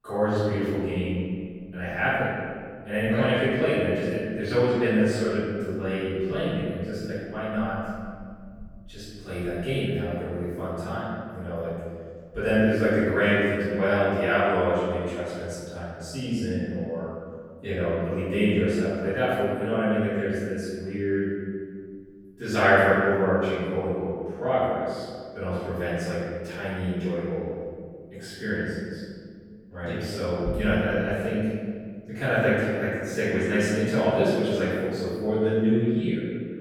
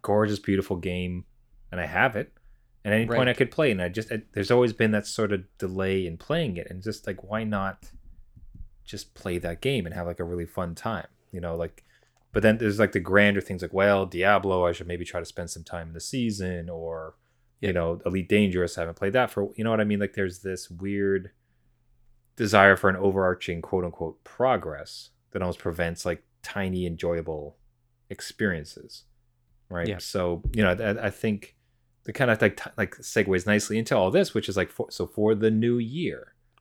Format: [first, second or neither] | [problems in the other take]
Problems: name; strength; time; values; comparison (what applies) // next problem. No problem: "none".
second | off-mic speech; far // room echo; strong; dies away in 1.9 s